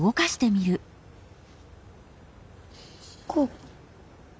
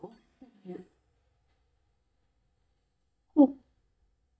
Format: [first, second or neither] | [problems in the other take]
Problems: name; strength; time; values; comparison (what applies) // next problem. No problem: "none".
first | noise reduction (neural mask model DeepFilterNet 3)